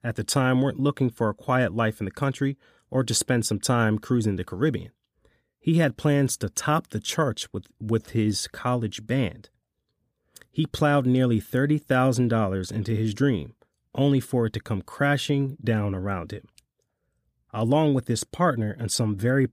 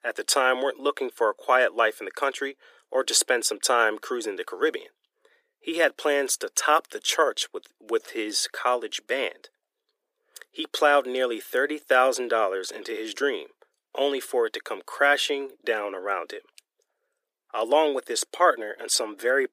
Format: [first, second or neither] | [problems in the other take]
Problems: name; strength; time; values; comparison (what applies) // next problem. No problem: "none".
first | thin; very; fading below 400 Hz